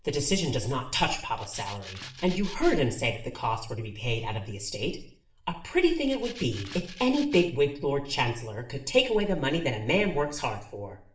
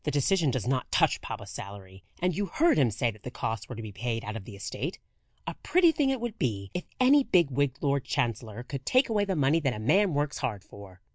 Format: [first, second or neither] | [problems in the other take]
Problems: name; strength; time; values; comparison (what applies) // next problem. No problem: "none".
second | background sound (Rattle (instrument)); 16 dB below the speech // room echo; dies away in 0.6 s